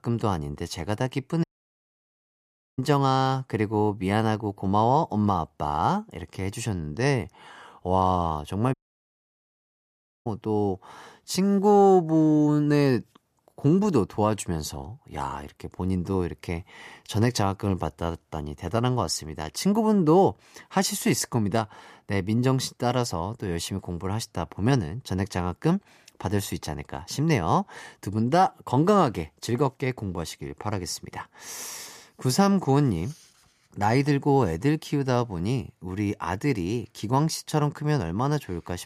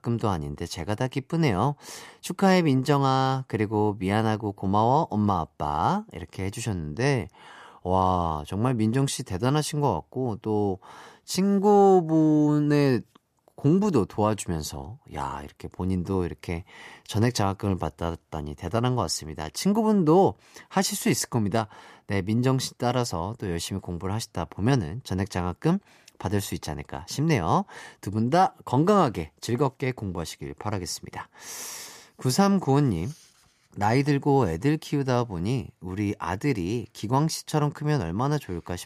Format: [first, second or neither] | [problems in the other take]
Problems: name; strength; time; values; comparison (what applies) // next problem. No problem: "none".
second | audio cutting out; at 1.5 s for 1.5 s and at 8.5 s for 1.5 s